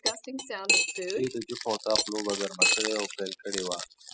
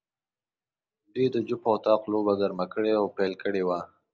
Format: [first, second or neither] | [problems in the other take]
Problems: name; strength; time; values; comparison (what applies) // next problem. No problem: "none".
second | noise reduction (classical method spectral subtraction)